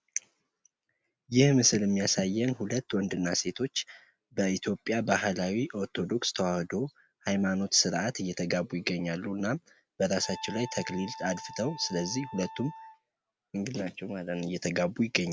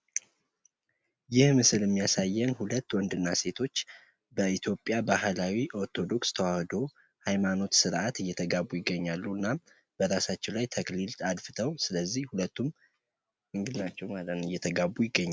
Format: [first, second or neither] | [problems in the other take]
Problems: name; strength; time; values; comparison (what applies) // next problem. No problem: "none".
second | background sound (Wind instrument, woodwind instrument); 15 dB below the speech